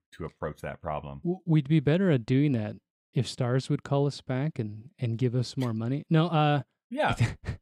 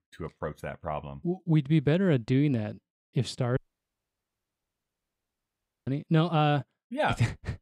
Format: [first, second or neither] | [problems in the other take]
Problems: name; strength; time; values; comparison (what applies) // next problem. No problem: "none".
first | audio cutting out; at 3.5 s for 2.5 s